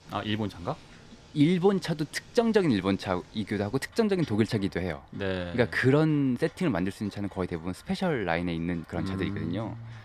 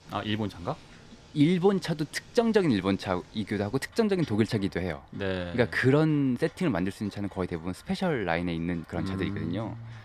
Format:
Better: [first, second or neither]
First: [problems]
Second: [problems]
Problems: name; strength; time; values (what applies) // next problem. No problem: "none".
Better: neither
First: rain or running water; faint; throughout; 25 dB below the speech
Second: rain or running water; faint; throughout; 25 dB below the speech